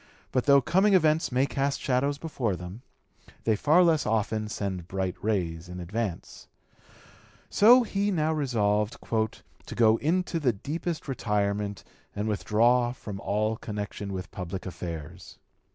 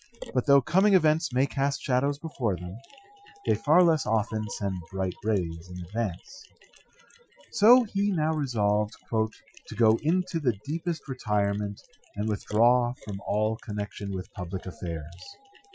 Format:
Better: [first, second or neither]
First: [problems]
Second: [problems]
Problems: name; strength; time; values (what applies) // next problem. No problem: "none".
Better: first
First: none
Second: noise reduction (classical method Wiener filter)